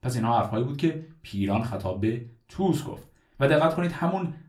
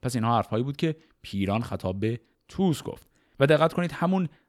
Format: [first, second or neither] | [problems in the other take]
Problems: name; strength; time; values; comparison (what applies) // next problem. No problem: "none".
second | off-mic speech; somewhat distant // room echo; very slight; dies away in 0.2 s